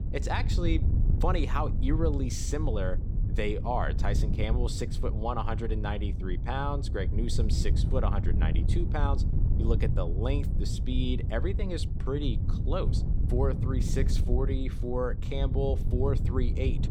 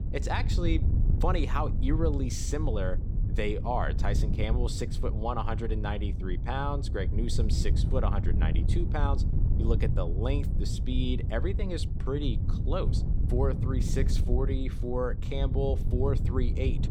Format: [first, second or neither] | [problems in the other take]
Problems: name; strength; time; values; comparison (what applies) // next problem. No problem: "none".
neither | wind noise on the microphone; heavy; 9 dB below the speech; the same in both